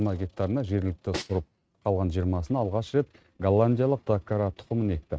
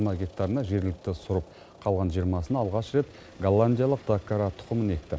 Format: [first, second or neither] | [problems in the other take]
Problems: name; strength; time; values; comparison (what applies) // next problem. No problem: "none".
second | noise reduction (neural mask model RNNoise)